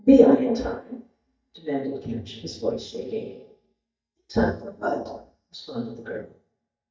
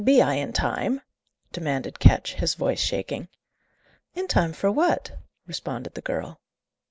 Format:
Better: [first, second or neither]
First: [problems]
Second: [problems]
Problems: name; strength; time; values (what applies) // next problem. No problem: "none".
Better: second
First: noise reduction (neural mask model DeepFilterNet 3)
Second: none